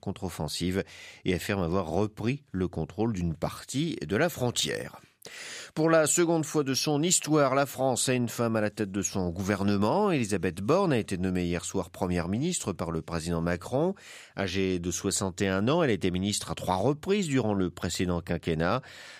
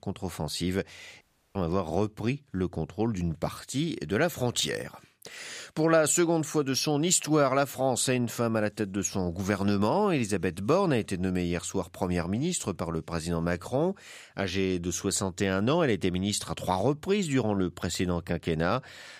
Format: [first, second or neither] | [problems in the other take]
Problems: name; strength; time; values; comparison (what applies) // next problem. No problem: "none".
first | audio cutting out; at 1 s